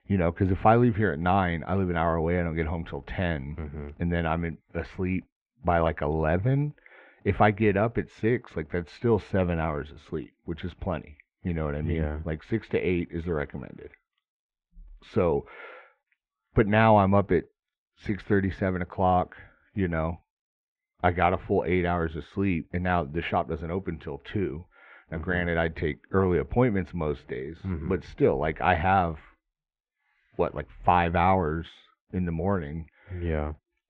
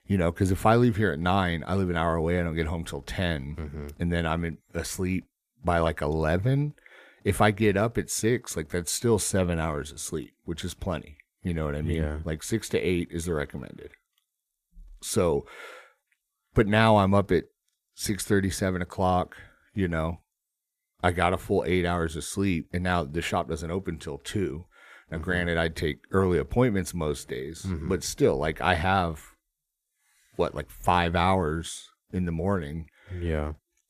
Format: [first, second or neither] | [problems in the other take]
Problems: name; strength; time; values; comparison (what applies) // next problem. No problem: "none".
second | muffled; very; fading above 2.5 kHz